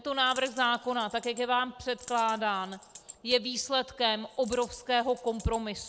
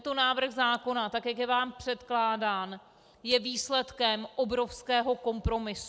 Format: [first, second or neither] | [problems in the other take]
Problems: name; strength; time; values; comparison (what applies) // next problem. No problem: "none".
second | background sound (Coin (dropping)); 20 dB below the speech